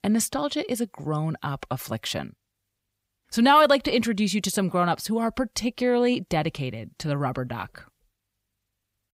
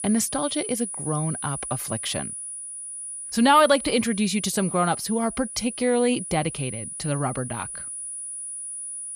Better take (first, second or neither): first